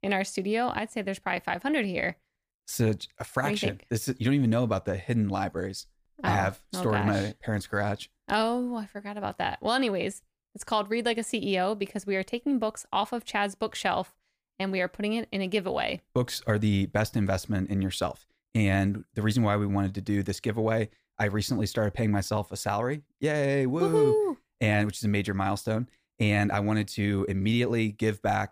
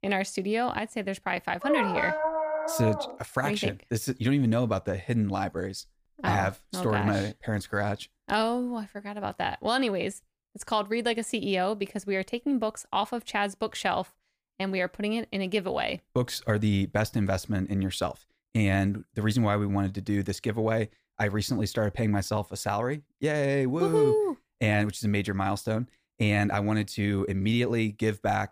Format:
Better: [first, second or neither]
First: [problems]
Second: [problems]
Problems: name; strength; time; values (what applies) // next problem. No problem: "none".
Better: first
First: none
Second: dog barking; loud; from 1.5 to 3 s; peak level with the speech